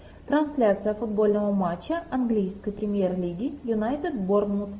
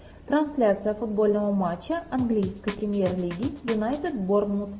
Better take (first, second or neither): first